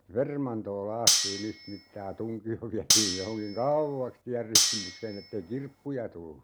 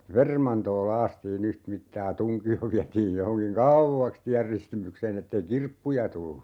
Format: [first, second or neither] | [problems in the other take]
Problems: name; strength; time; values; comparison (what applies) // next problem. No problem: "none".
second | background sound (Cutlery, silverware); 4 dB above the speech